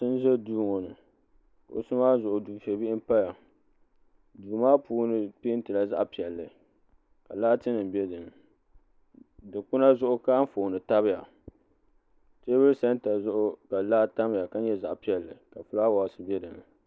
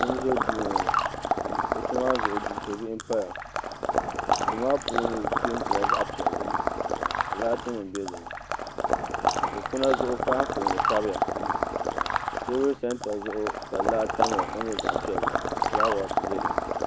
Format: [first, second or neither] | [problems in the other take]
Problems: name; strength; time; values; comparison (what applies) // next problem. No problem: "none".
first | background sound (Water / Liquid); 3 dB above the speech